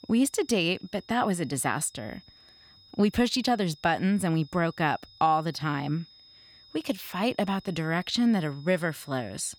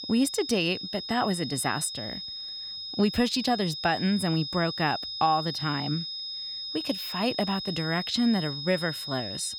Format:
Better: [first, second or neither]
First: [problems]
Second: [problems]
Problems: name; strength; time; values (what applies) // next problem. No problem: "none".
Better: first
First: high-pitched whine; faint; throughout; 5 kHz, 25 dB below the speech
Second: high-pitched whine; loud; throughout; 5 kHz, 6 dB below the speech